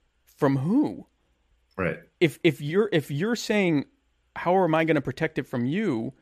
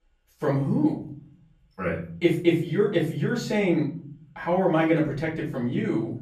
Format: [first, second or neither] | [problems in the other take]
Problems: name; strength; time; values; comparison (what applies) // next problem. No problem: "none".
first | off-mic speech; far // room echo; slight; dies away in 0.6 s